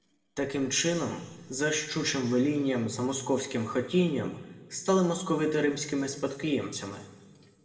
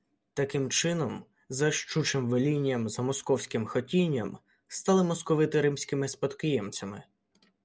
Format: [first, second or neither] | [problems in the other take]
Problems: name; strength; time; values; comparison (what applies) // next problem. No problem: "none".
second | room echo; dies away in 1.3 s